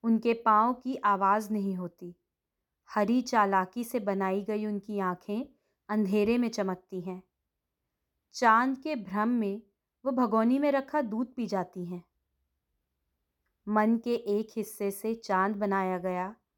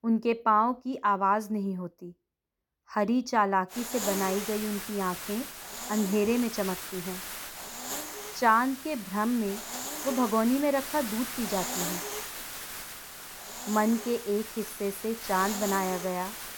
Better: first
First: none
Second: hiss; loud; from 3.5 s on; 7 dB below the speech

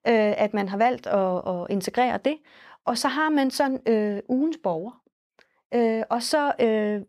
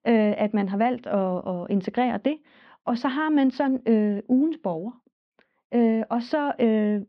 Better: first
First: none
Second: muffled; slightly; fading above 3.5 kHz

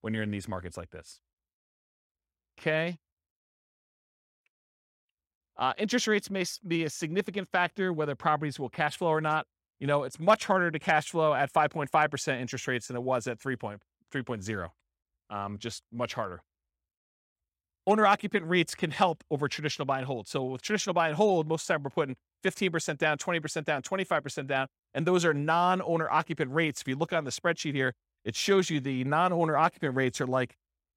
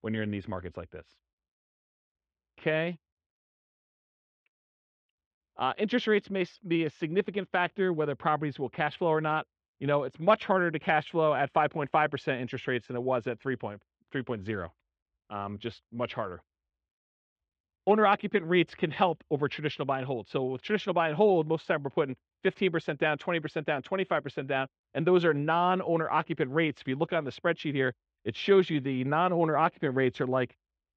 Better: first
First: none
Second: muffled; very; fading above 3.5 kHz

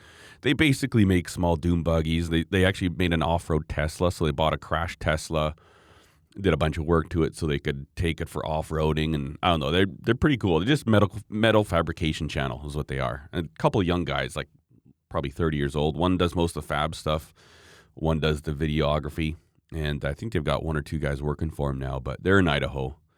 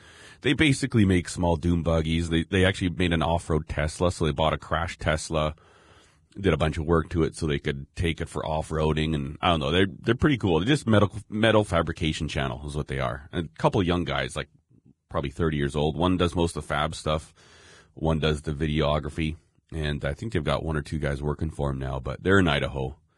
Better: first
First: none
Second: garbled, watery; badly; nothing above 10 kHz

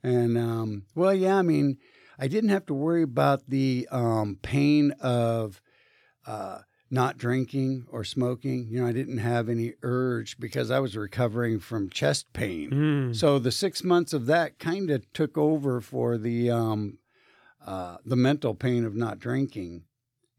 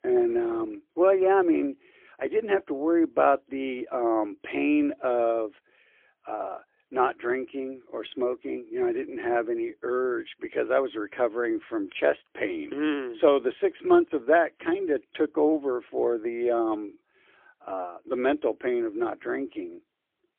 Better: first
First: none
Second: phone-call audio; poor line; nothing above 3.5 kHz

